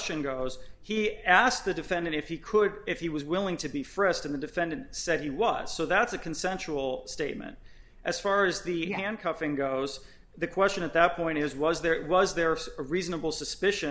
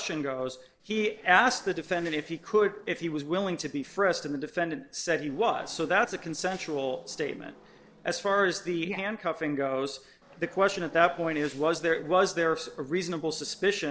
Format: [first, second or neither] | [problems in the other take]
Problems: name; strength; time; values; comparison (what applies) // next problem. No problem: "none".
first | noise reduction (neural separator model SepFormer DNS4)